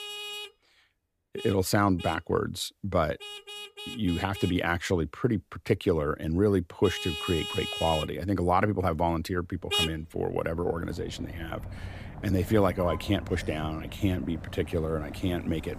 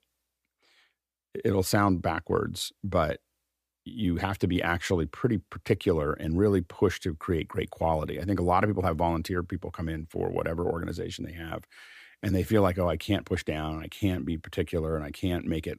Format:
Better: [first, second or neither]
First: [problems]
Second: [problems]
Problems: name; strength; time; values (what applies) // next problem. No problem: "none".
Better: second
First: traffic noise; loud; throughout; 8 dB below the speech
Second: none